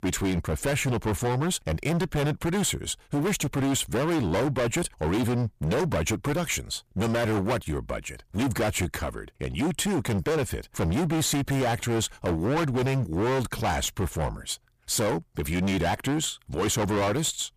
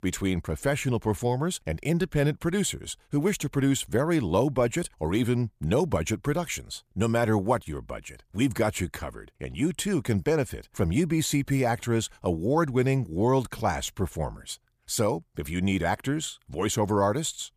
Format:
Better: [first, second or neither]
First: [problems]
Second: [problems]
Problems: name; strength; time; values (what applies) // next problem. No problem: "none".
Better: second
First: distortion; heavy; 25% of the sound clipped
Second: none